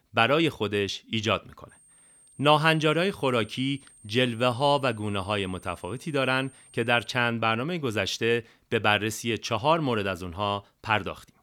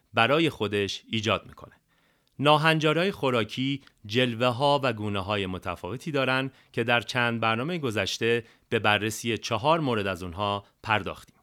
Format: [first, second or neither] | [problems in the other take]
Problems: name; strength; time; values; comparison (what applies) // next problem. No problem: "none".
second | high-pitched whine; faint; from 1.5 to 7 s; 8.5 kHz, 25 dB below the speech